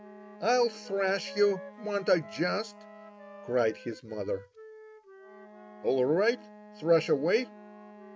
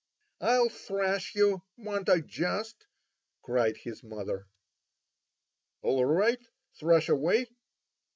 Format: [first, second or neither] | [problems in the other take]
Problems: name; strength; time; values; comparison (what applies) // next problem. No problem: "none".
second | background sound (Wind instrument, woodwind instrument + Wind instrument, woodwind instrument); 17 dB below the speech